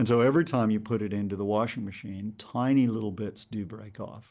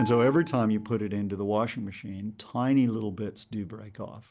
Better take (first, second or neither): first